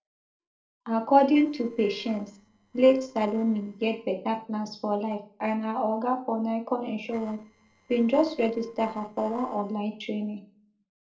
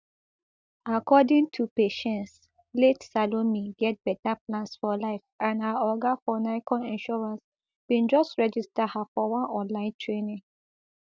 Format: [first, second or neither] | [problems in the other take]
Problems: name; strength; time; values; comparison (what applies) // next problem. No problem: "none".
second | noise reduction (neural separator model SepFormer DNS4)